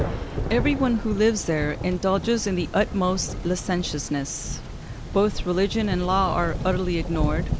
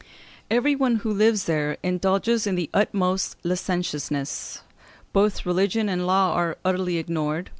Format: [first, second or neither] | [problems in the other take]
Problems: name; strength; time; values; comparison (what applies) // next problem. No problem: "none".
second | background sound (Thunder); 5 dB below the speech